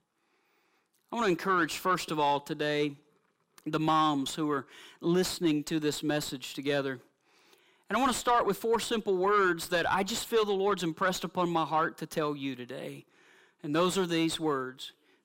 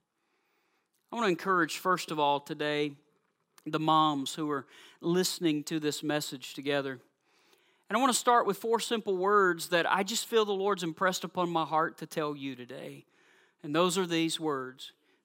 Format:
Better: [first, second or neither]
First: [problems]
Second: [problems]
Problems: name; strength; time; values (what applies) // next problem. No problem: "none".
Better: second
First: distortion; slight; 10 dB below the speech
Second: none